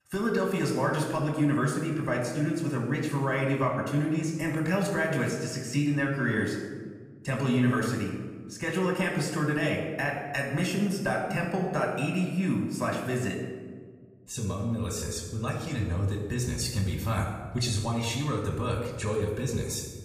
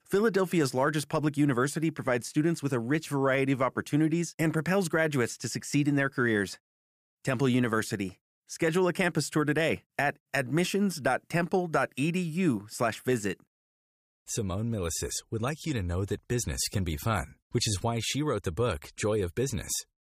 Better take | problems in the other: second | off-mic speech; somewhat distant // room echo; noticeable; dies away in 1.2 s

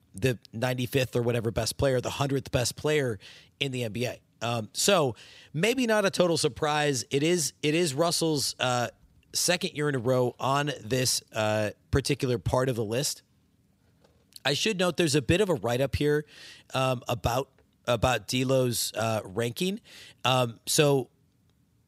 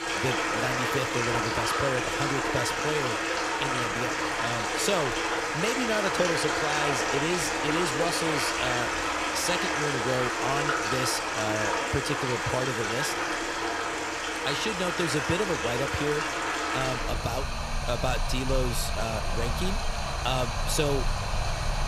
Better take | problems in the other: first | rain or running water; very loud; throughout; 3 dB above the speech

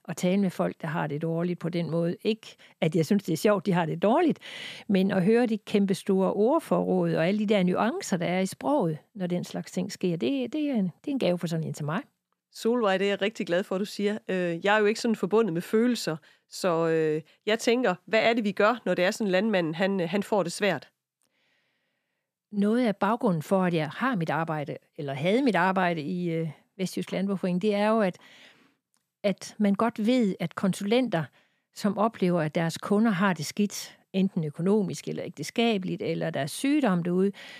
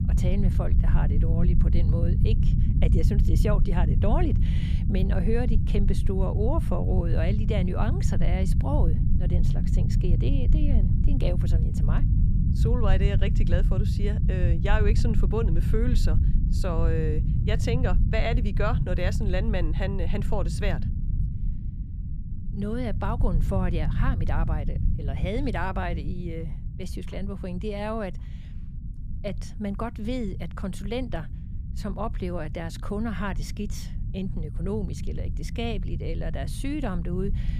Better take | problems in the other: first | low rumble; loud; throughout; 7 dB below the speech

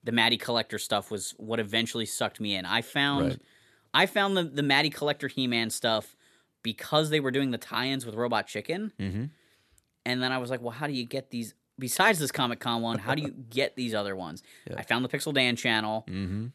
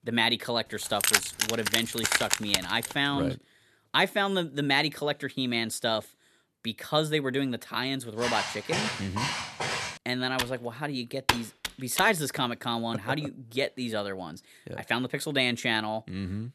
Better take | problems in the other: first | jangling keys; loud; from 1 to 3 s; peak 6 dB above the speech // footsteps; noticeable; from 8 to 10 s; peak 1 dB below the speech // keyboard typing; loud; from 10 to 12 s; peak 1 dB above the speech

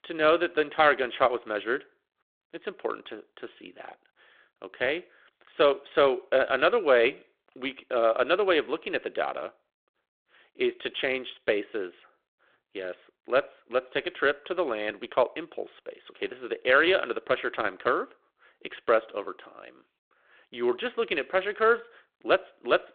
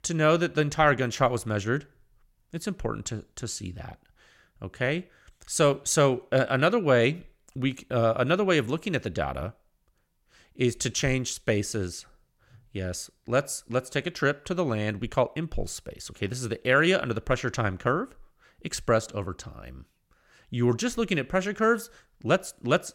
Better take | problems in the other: second | phone-call audio

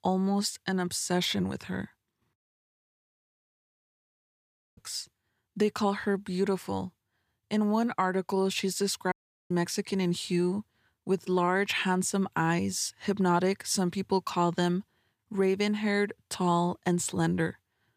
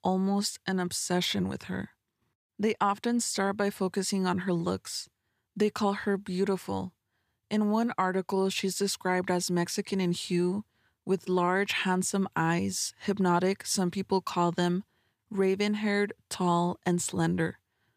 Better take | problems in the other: second | audio cutting out; at 2.5 s for 2.5 s and at 9 s

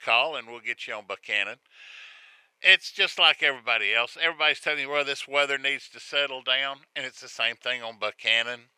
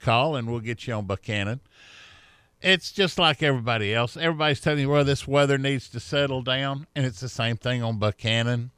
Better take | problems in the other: second | thin; very; fading below 650 Hz

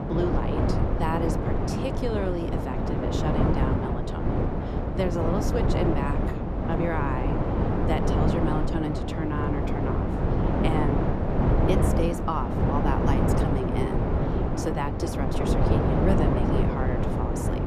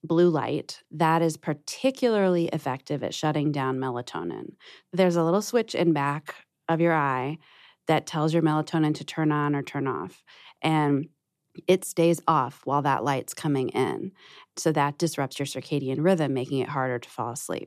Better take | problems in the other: second | wind noise on the microphone; heavy; 2 dB above the speech

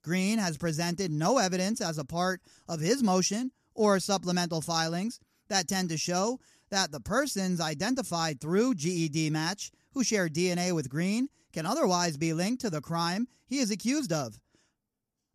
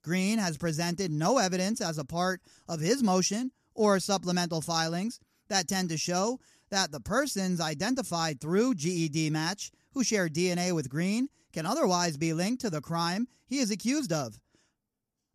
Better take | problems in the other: neither | none

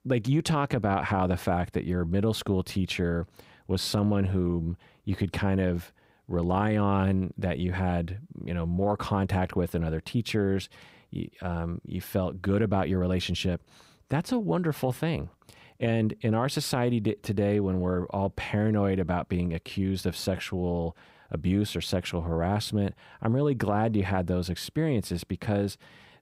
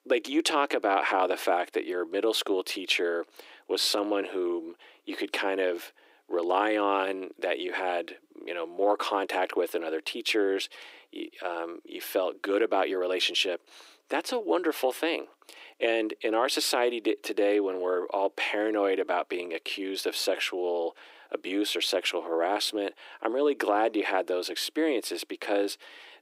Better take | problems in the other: first | thin; very; fading below 300 Hz

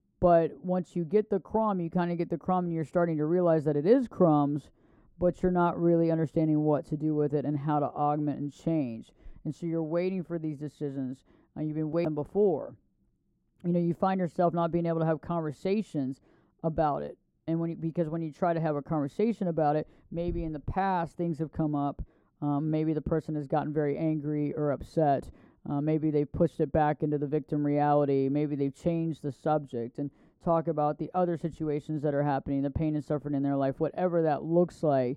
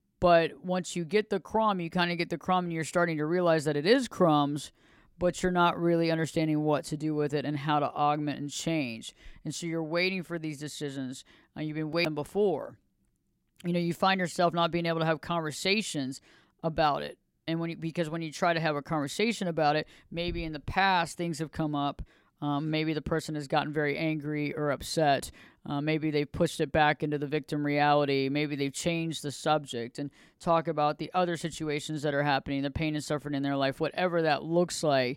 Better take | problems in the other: second | muffled; very; fading above 1.5 kHz

